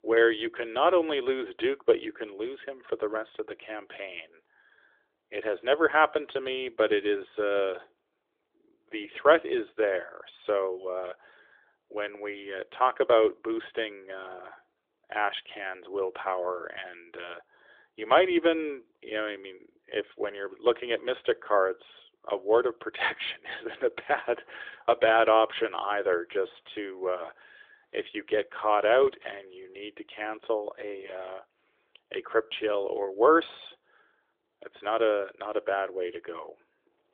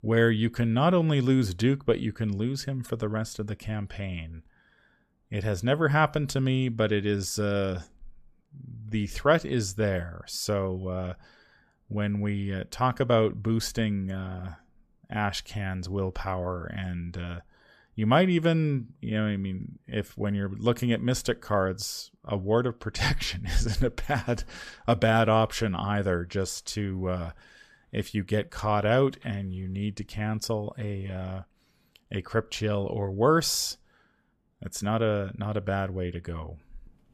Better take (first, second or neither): second